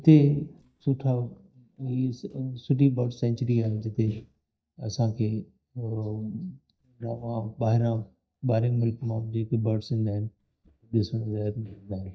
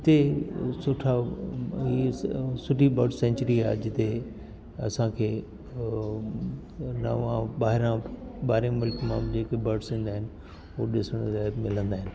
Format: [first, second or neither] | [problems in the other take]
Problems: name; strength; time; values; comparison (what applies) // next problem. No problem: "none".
second | noise reduction (neural mask model DeepFilterNet 3)